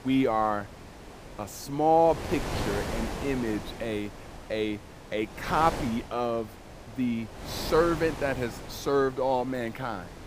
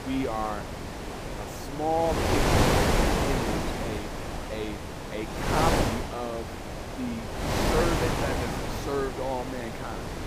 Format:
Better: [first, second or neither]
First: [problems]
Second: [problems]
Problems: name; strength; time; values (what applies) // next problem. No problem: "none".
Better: first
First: wind noise on the microphone; occasional gusts; 10 dB below the speech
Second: wind noise on the microphone; heavy; 3 dB above the speech